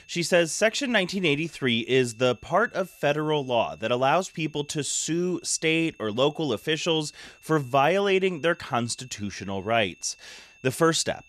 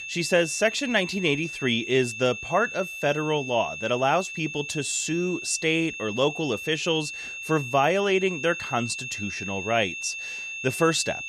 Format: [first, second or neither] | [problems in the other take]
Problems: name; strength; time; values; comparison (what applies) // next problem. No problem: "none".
first | high-pitched whine; loud; throughout; 2.5 kHz, 8 dB below the speech; faint in the first